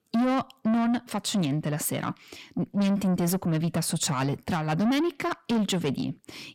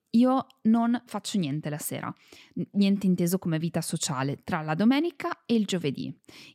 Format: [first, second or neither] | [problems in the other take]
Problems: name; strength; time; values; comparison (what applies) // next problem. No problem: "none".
second | distortion; heavy; 8 dB below the speech